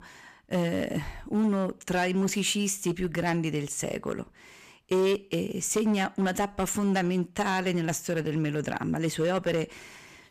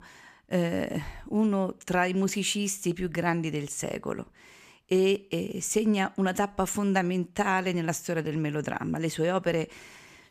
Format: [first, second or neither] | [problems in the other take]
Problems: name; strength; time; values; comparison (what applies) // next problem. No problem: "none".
second | distortion; slight; 7% of the sound clipped